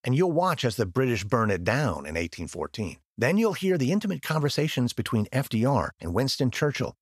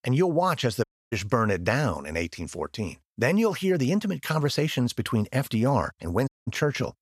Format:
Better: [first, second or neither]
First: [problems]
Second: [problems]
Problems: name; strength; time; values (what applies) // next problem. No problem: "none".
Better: first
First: none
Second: audio cutting out; at 1 s and at 6.5 s